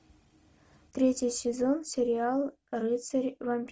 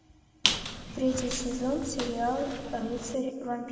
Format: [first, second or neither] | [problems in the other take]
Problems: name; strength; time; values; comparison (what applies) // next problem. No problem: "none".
first | background sound (Squeak); 3 dB below the speech // room echo; dies away in 2.1 s